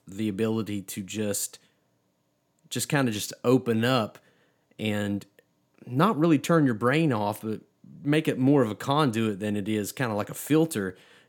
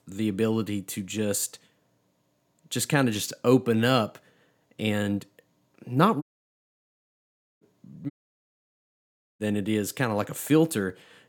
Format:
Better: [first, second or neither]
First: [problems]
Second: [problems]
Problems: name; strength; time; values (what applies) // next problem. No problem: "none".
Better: first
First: none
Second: audio cutting out; at 6 s for 1.5 s and at 8 s for 1.5 s